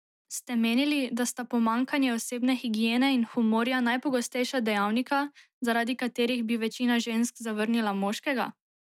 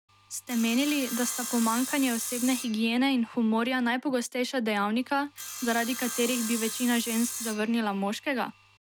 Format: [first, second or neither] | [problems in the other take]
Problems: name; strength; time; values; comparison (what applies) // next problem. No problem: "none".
first | background sound (Sawing); 10 dB below the speech